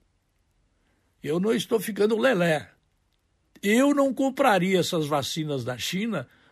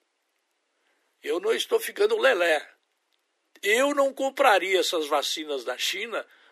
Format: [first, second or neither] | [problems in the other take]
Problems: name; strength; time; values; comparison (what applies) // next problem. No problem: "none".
first | thin; somewhat; fading below 350 Hz